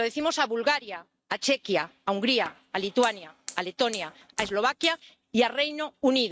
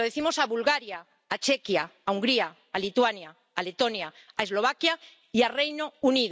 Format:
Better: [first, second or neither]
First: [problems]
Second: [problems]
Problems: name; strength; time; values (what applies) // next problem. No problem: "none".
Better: second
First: noise reduction (neural mask model RNNoise)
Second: none